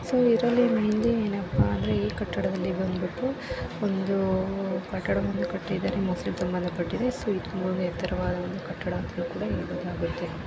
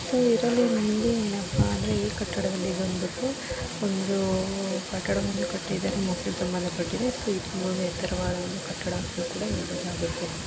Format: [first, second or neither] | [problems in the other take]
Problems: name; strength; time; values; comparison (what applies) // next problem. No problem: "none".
first | background sound (Sink (filling or washing)); 11 dB below the speech